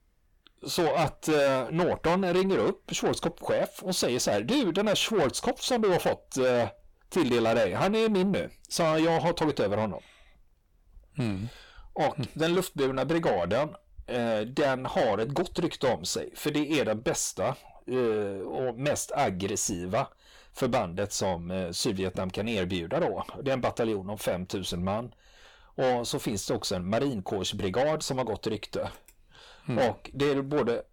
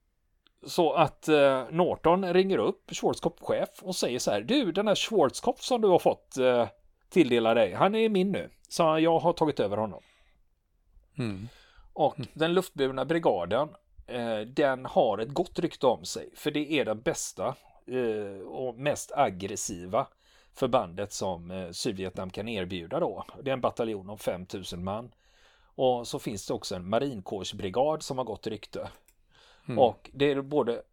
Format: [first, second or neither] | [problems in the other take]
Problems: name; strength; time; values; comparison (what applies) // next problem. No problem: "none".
second | distortion; heavy; 7 dB below the speech